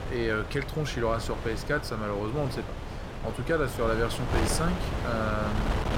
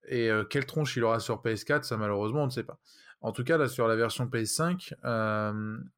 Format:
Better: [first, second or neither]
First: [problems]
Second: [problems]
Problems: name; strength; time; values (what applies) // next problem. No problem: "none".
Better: second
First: wind noise on the microphone; heavy; 6 dB below the speech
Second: none